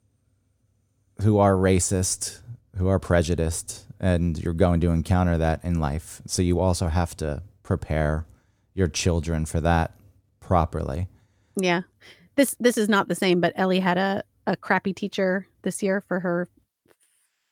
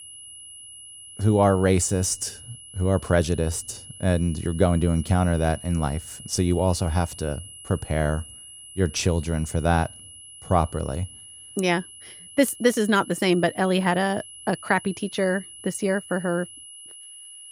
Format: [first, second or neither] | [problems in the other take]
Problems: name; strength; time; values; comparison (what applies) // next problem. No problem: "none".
first | high-pitched whine; noticeable; throughout; 11 kHz, 15 dB below the speech